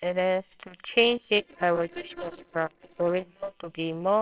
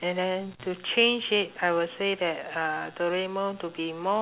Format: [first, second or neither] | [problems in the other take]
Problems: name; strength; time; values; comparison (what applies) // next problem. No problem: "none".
second | noise reduction (neural separator model SepFormer WHAMR!)